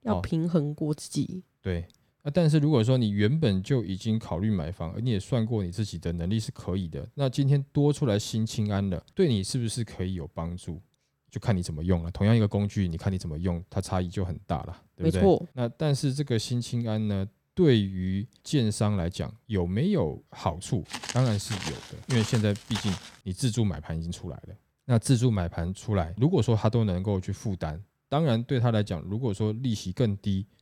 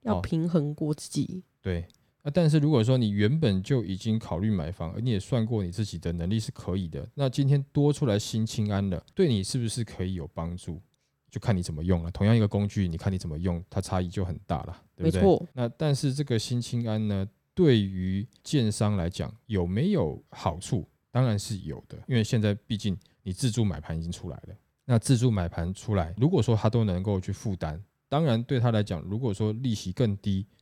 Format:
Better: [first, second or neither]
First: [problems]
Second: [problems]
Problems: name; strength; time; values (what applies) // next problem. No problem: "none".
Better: second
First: footsteps; noticeable; from 21 to 23 s; peak 8 dB below the speech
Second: none